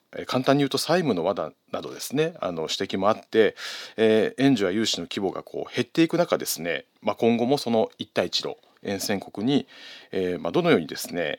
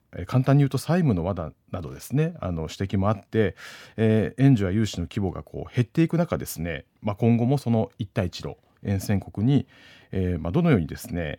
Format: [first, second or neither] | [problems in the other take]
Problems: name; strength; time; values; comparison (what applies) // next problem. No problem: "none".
second | thin; somewhat; fading below 350 Hz